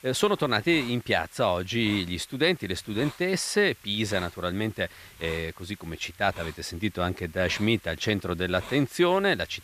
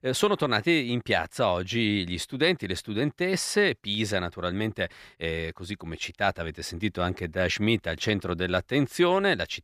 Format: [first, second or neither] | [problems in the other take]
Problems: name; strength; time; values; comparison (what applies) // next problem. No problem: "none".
second | hiss; noticeable; throughout; 20 dB below the speech